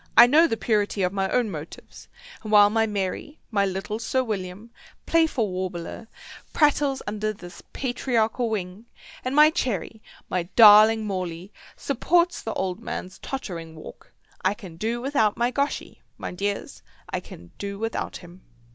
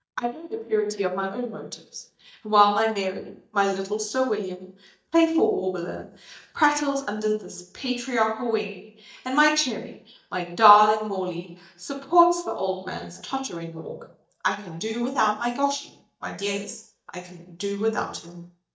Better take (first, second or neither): first